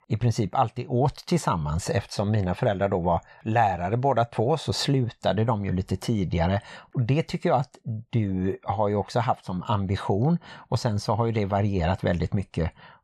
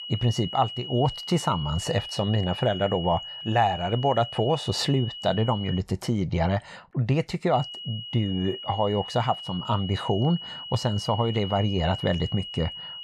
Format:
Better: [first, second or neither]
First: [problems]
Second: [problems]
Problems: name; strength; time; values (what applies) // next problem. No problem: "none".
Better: first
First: none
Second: high-pitched whine; loud; until 6 s and from 7.5 s on; 3 kHz, 9 dB below the speech